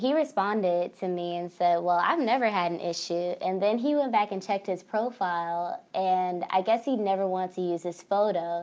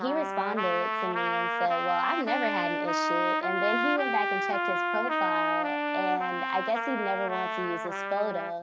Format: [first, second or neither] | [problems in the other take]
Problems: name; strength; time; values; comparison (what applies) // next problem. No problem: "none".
first | background sound (Trumpet); 2 dB above the speech